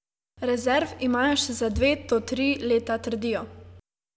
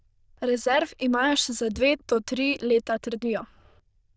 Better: first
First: none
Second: noise reduction (neural diffusion model UNIVERSE++)

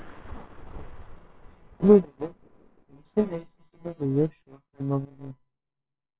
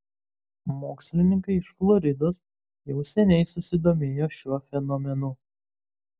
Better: second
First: noise reduction (neural separator model SepFormer WHAMR!)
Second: none

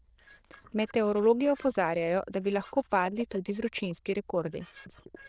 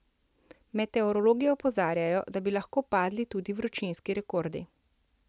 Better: second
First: noise reduction (neural diffusion model UNIVERSE++)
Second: none

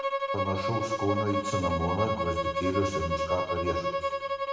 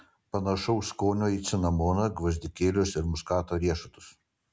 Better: second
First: background sound (Bowed string instrument); 2 dB above the speech // room echo; dies away in 1.1 s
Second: none

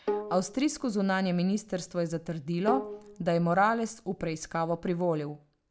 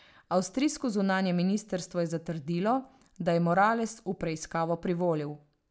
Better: second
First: background sound (Bowed string instrument); 10 dB below the speech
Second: none

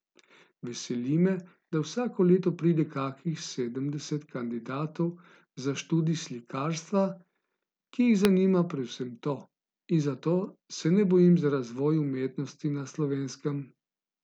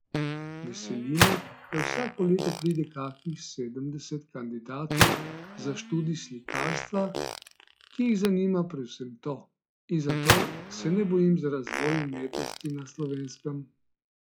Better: first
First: none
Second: noise reduction (classical method log-MMSE)

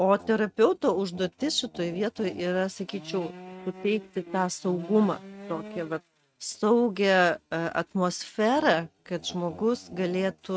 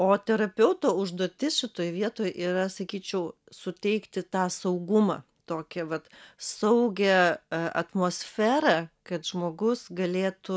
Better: second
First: noise reduction (neural mask model RNNoise)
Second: none

